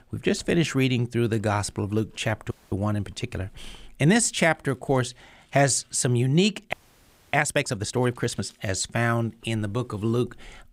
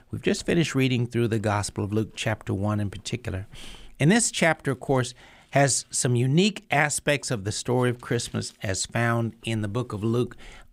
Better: second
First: audio freezing; at 2.5 s and at 6.5 s for 0.5 s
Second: none

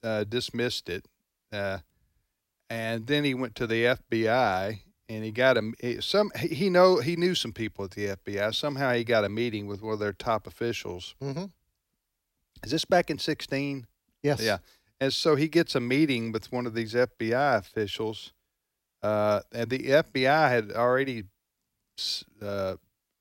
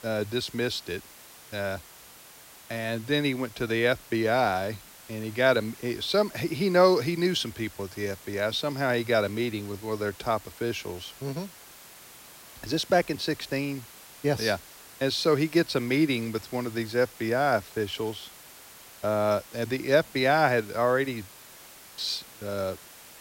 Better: first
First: none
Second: hiss; noticeable; throughout; 20 dB below the speech

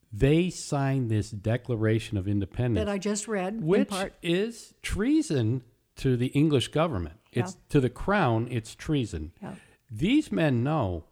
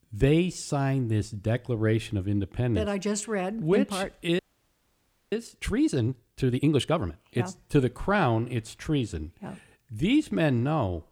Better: first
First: none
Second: audio freezing; at 4.5 s for 1 s

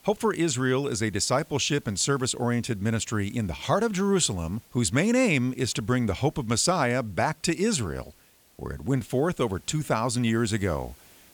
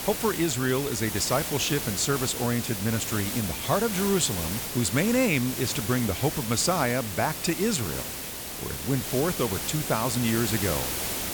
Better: first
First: hiss; faint; throughout; 30 dB below the speech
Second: hiss; loud; throughout; 4 dB below the speech

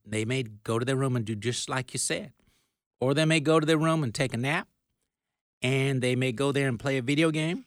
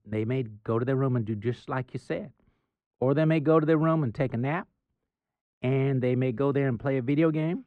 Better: first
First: none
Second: muffled; very; fading above 4 kHz

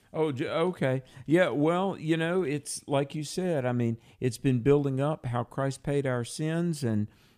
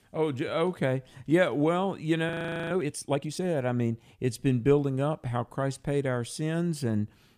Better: first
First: none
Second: audio freezing; at 2.5 s

